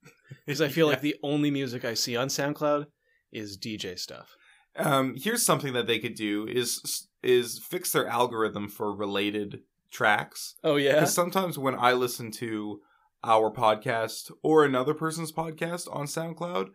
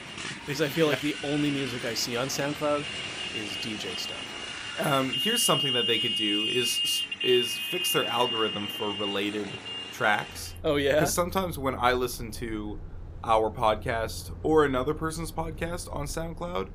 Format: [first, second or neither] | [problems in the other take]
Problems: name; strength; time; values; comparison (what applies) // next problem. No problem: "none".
first | traffic noise; loud; throughout; 1 dB below the speech